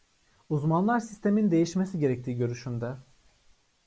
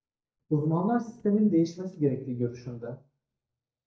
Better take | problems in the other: first | noise reduction (neural mask model DeepFilterNet 3)

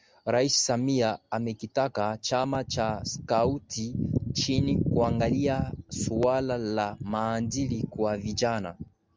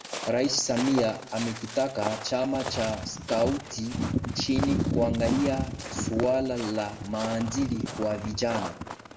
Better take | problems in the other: first | background sound (Walk, footsteps); 10 dB below the speech // room echo; dies away in 1.1 s

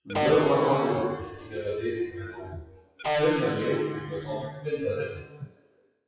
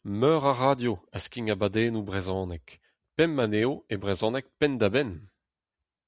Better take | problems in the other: second | noise reduction (classical method WPE with log-MMSE)

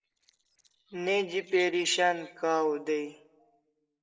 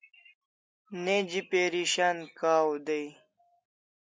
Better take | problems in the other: second | noise reduction (neural separator model SepFormer DNS4)

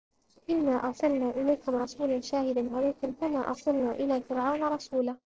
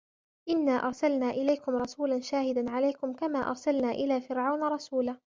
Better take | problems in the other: second | noise reduction (neural separator model SepFormer DNS4)

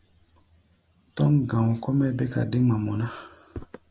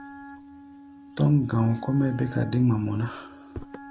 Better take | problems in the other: first | background sound (Wind instrument, woodwind instrument); 18 dB below the speech

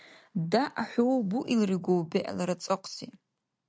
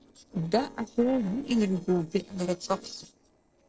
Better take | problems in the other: first | noise reduction (neural separator model SepFormer DNS4)

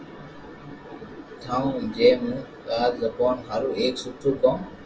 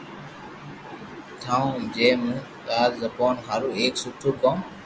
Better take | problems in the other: second | room echo; dies away in 0.2 s

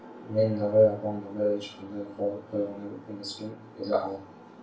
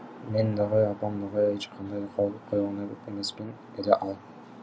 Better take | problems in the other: second | room echo; dies away in 0.3 s

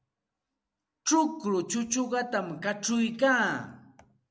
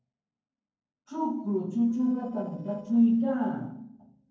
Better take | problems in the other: first | noise reduction (neural separator model SepFormer DNS4)

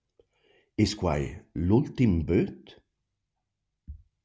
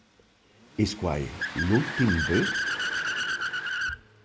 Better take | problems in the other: first | background sound (Accelerating, revving, vroom / Car); 2 dB below the speech

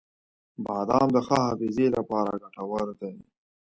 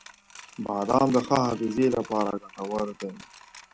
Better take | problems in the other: first | background sound (Coin (dropping) + Bowed string instrument); 18 dB below the speech

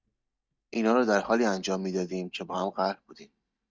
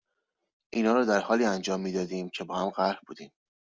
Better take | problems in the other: second | noise reduction (neural mask model DeepFilterNet 3)

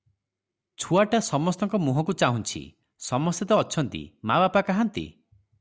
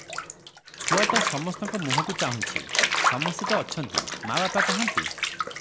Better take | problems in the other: first | background sound (Bathtub (filling or washing) / Water); 4 dB above the speech

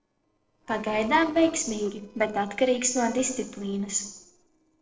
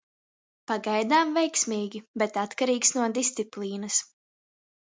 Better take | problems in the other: second | noise reduction (neural separator model SepFormer DNS4)

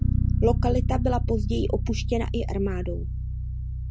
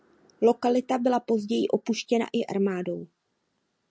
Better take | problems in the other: second | background sound (Bass guitar); 4 dB above the speech

